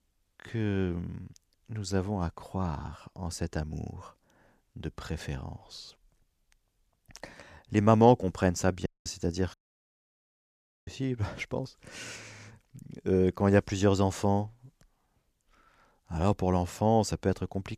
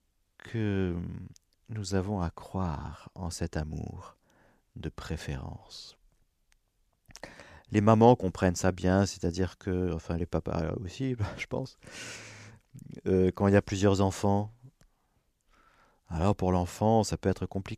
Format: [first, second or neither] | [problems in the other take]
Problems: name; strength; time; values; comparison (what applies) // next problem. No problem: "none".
second | audio cutting out; at 9 s and at 9.5 s for 1.5 s